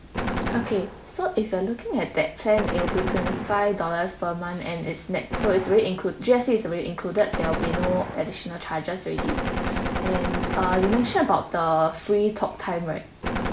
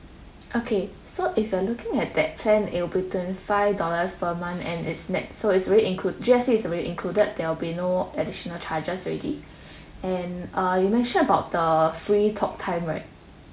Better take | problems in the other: second | background sound (Gunshot, gunfire); 5 dB below the speech

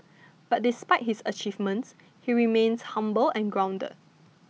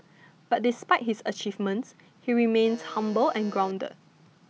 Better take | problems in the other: first | background sound (Alarm); 19 dB below the speech

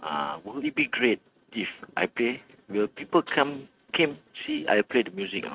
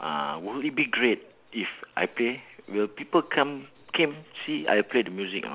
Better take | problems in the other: second | noise reduction (neural mask model RNNoise)

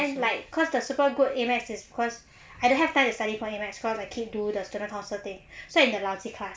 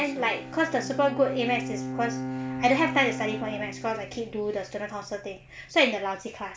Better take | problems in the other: first | background sound (Bowed string instrument); 8 dB below the speech

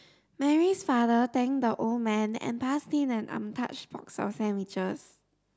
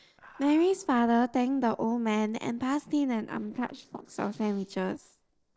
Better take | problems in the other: first | noise reduction (neural separator model SepFormer DNS4)

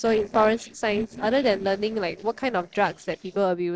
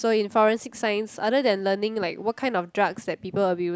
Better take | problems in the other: second | noise reduction (neural separator model SepFormer DNS4)

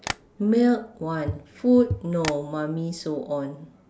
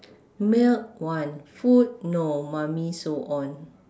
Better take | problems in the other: second | background sound (Walk, footsteps / Bird vocalization, bird call, bird song + Tap); 11 dB below the speech

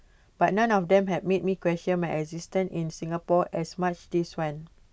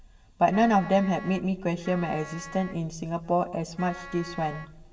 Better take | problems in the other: first | background sound (Wind instrument, woodwind instrument); 16 dB below the speech // room echo; dies away in 1.7 s

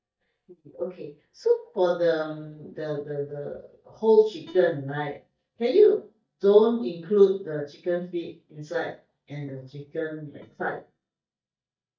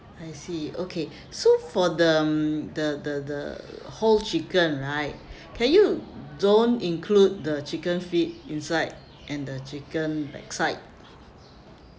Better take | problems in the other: second | noise reduction (neural mask model DeepFilterNet 3)

